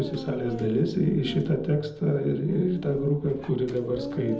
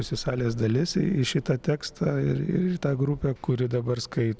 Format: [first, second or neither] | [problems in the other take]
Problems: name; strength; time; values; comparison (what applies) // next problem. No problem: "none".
second | background sound (Dog); 13 dB below the speech // room echo; dies away in 0.8 s